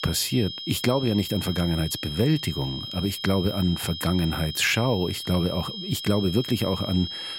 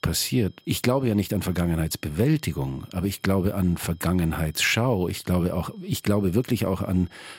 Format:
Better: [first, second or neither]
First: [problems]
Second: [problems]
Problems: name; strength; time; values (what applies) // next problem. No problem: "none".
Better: second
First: high-pitched whine; loud; throughout; 3 kHz, 8 dB below the speech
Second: high-pitched whine; faint; throughout; 3 kHz, 35 dB below the speech